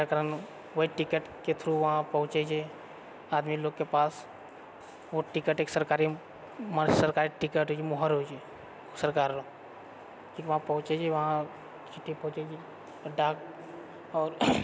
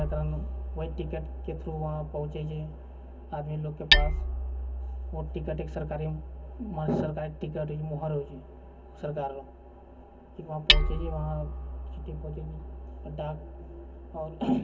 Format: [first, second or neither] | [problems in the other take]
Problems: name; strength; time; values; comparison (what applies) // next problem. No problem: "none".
first | background sound (Hammer); 2 dB above the speech // room echo; dies away in 0.3 s